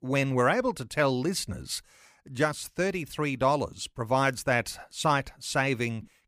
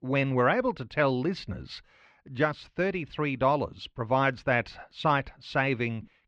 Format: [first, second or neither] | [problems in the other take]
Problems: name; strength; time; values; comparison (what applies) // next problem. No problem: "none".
first | muffled; slightly; fading above 3.5 kHz